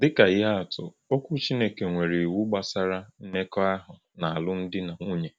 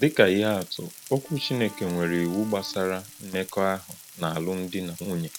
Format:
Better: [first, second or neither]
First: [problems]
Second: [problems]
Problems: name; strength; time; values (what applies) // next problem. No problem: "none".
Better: first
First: none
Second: background sound (Bowed string instrument + Frying (food)); 18 dB below the speech